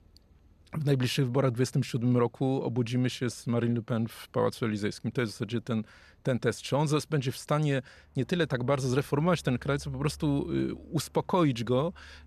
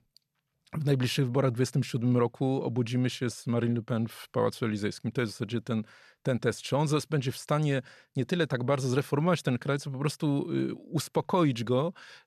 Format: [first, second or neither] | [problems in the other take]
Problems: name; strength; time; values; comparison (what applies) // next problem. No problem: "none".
second | traffic noise; faint; throughout; 30 dB below the speech